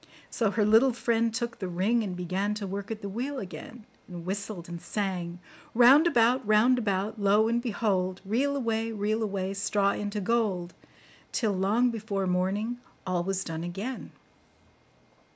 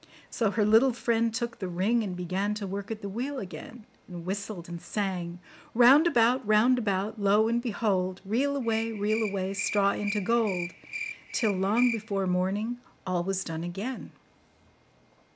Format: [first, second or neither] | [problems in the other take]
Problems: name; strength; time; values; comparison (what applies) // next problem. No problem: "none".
first | background sound (Cricket); 10 dB below the speech